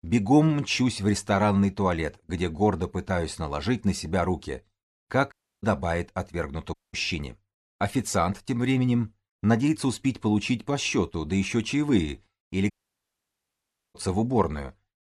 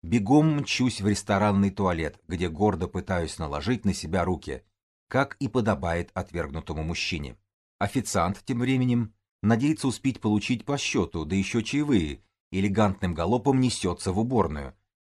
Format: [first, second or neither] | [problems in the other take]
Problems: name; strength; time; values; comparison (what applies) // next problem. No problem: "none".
second | audio cutting out; at 5.5 s, at 6.5 s and at 13 s for 1 s